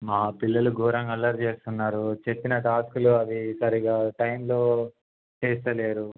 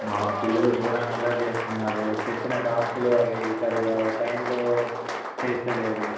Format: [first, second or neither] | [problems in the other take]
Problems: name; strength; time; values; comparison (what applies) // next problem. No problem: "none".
first | background sound (Applause); 5 dB below the speech // room echo; dies away in 1.1 s